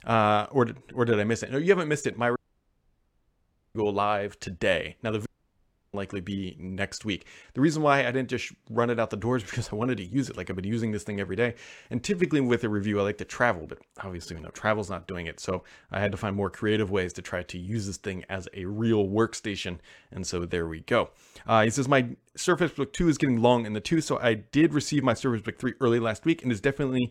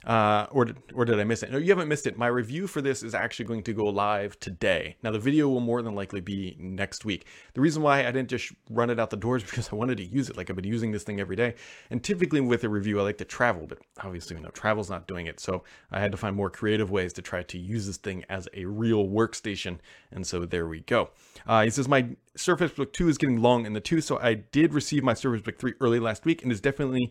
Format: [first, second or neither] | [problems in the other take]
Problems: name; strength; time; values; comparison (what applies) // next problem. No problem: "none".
second | audio cutting out; at 2.5 s for 1.5 s and at 5.5 s for 0.5 s